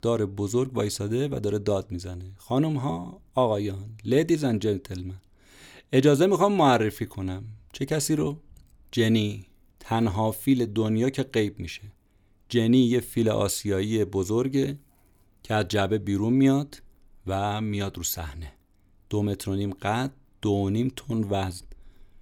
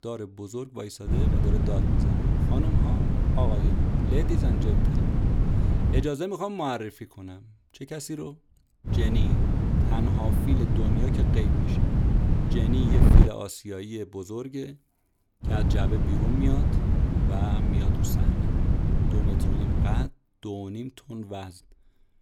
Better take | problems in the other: first | wind noise on the microphone; heavy; from 1 to 6 s, from 9 to 13 s and from 15 to 20 s; 1 dB above the speech

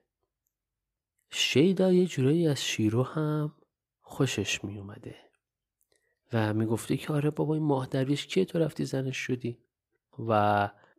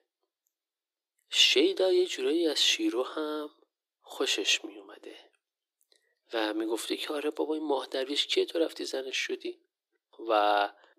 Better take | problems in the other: first | thin; very; fading below 300 Hz

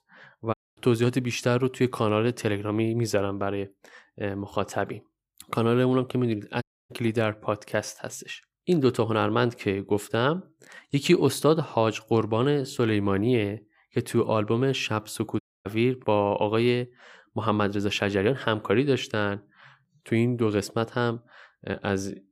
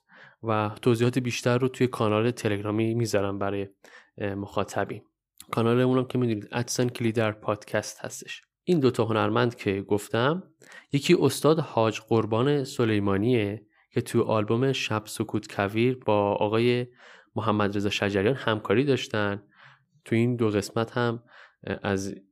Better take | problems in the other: second | audio cutting out; at 0.5 s, at 6.5 s and at 15 s

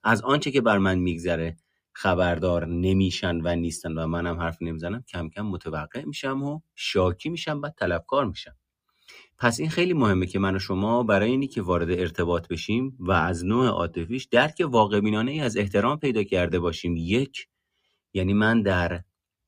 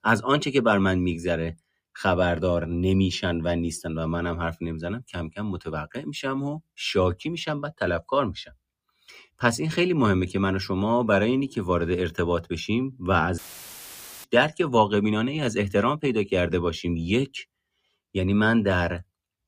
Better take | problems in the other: first | audio cutting out; filled with static; at 13 s for 1 s

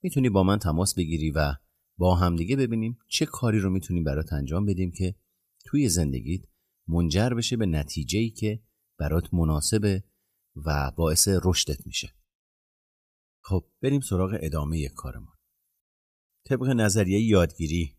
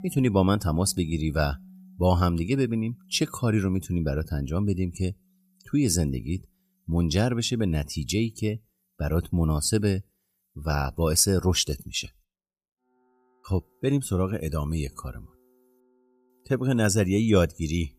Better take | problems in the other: first | background music; faint; throughout; 25 dB below the speech

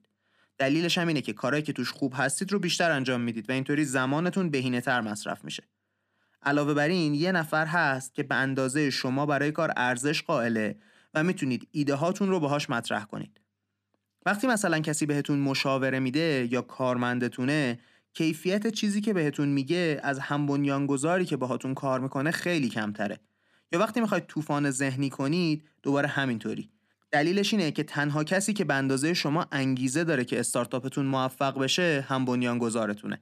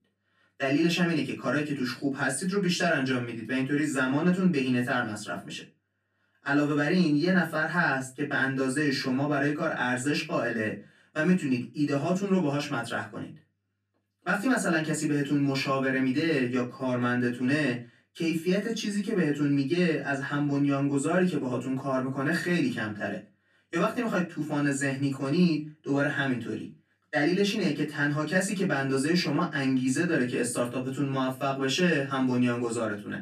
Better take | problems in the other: first | off-mic speech; far // room echo; very slight; dies away in 0.2 s

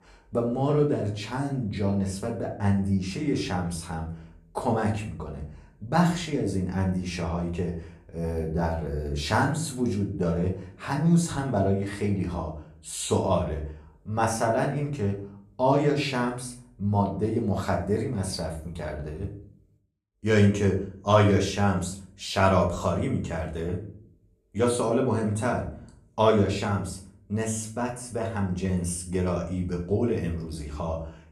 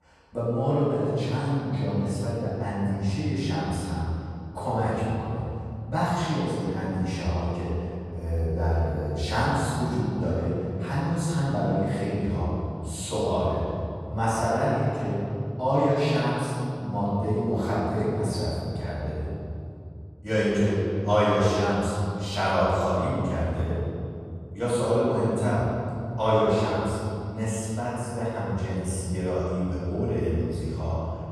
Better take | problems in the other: first | room echo; strong; dies away in 2.8 s; slight in the first // off-mic speech; far; far in the first

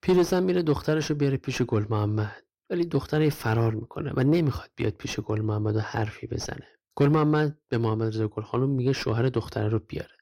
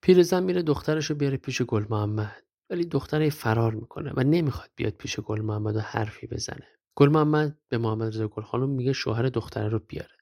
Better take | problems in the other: second | distortion; slight; 10 dB below the speech

